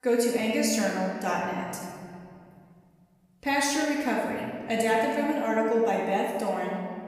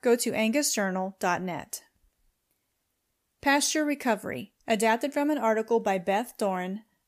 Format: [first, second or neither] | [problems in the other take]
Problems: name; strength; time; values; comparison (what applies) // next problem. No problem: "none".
second | room echo; noticeable; dies away in 2.2 s // off-mic speech; far